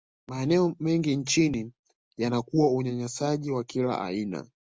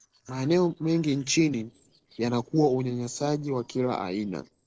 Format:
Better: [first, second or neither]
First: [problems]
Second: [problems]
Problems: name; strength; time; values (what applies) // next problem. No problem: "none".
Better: first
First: none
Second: noise reduction (neural separator model SepFormer DNS4)